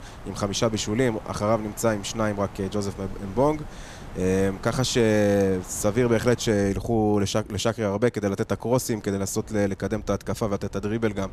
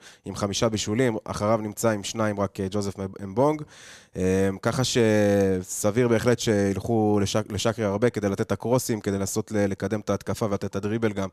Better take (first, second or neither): second